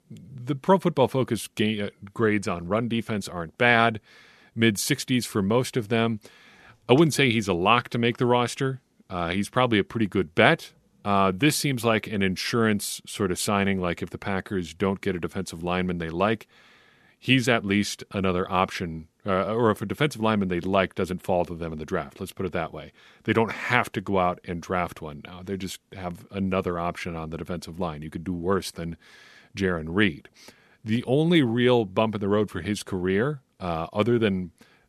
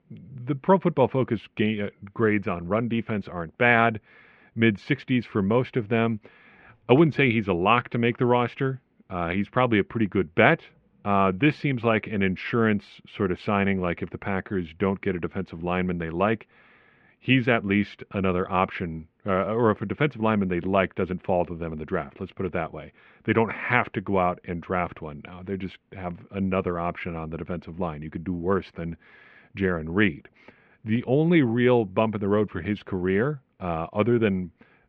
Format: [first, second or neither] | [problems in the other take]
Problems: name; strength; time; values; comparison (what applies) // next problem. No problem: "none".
first | muffled; very; fading above 2.5 kHz